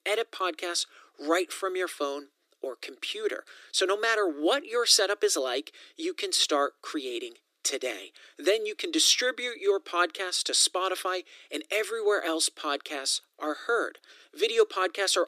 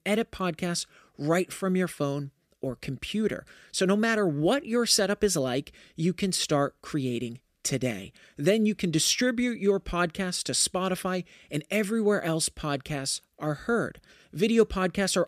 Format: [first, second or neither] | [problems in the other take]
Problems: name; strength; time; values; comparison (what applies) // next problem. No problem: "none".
second | thin; very; fading below 300 Hz